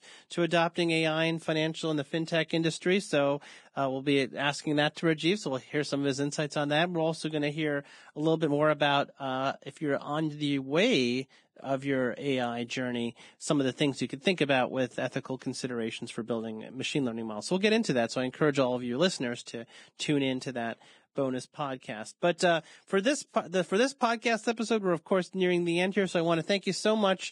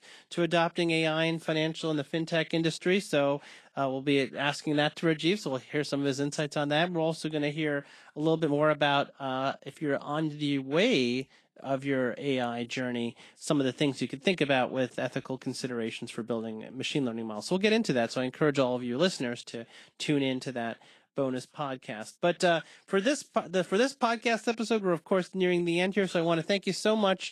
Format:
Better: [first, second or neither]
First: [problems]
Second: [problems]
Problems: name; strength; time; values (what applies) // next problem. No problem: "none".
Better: second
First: garbled, watery; badly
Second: garbled, watery; slightly